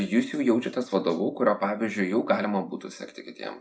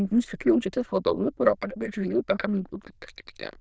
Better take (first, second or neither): first